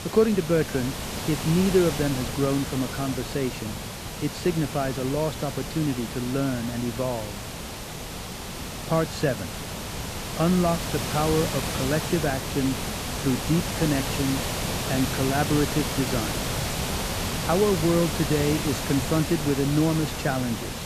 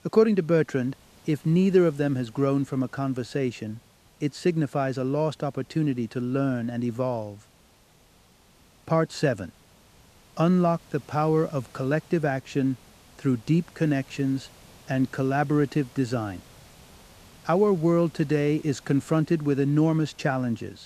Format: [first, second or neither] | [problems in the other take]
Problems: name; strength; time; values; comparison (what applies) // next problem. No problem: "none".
second | hiss; loud; throughout; 4 dB below the speech; faint in the second